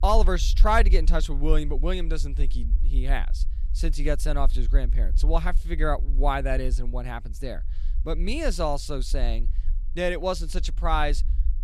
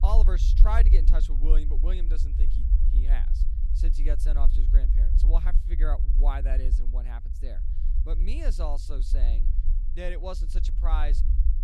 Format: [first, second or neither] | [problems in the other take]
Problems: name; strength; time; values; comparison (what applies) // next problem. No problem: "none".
first | low rumble; loud; throughout; 9 dB below the speech; faint in the first